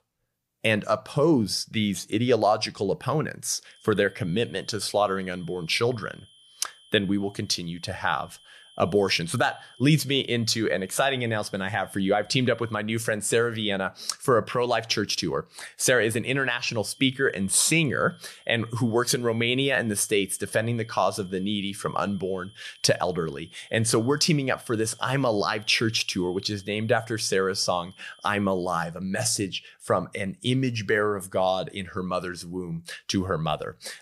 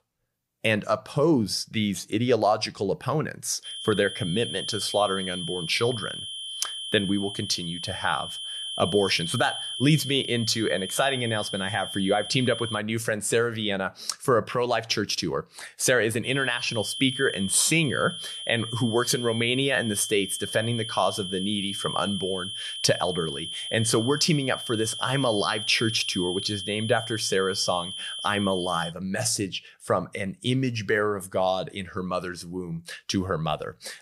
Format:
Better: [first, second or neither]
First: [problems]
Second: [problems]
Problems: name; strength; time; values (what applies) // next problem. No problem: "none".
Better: first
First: high-pitched whine; faint; from 3.5 to 13 s and from 16 to 29 s; 3 kHz, 25 dB below the speech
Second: high-pitched whine; loud; from 3.5 to 13 s and from 16 to 29 s; 3 kHz, 6 dB below the speech